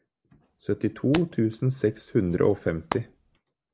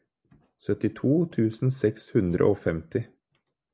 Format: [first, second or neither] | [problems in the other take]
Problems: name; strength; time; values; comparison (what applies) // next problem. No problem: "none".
second | background sound (Hands); 14 dB below the speech